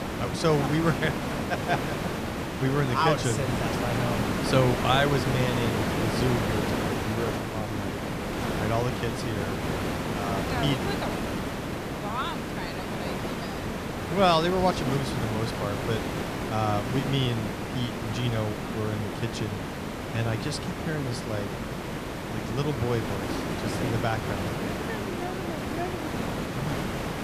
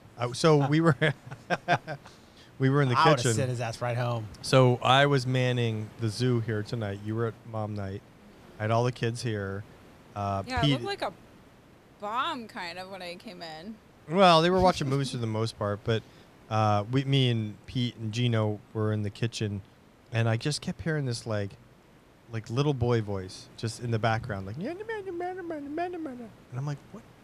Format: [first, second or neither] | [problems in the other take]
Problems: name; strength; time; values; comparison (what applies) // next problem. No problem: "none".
second | hiss; loud; throughout; 1 dB below the speech; faint in the second